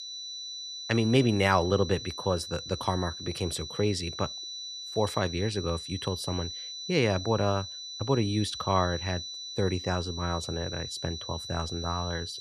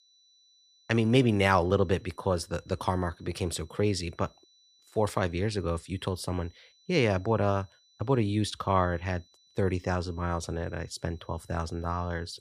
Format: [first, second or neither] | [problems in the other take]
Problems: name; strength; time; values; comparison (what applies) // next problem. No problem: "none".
second | high-pitched whine; loud; throughout; 4 kHz, 7 dB below the speech; faint in the second